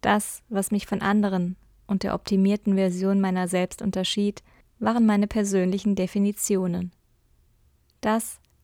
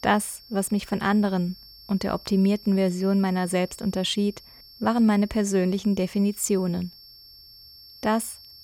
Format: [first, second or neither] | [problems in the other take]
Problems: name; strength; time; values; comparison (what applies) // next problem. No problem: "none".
first | high-pitched whine; faint; throughout; 5.5 kHz, 20 dB below the speech